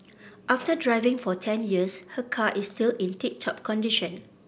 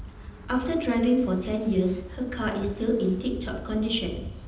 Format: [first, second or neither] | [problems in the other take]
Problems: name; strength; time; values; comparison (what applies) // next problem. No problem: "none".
first | background sound (Wind); 12 dB below the speech // room echo; dies away in 0.9 s